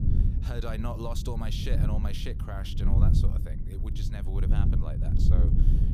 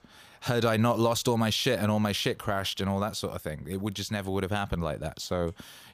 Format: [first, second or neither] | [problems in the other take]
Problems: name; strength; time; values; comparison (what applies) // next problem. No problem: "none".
second | low rumble; loud; throughout; 2 dB below the speech